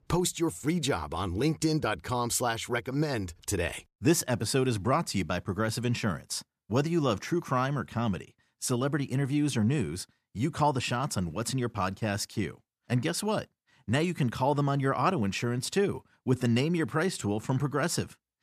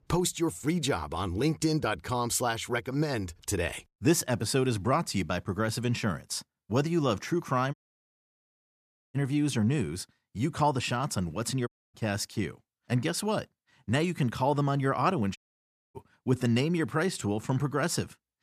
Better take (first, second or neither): first